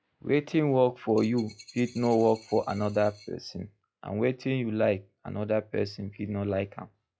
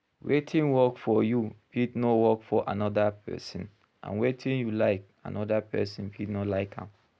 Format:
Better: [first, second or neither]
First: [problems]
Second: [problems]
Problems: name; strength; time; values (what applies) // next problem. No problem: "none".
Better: second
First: noise reduction (classical method log-MMSE)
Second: none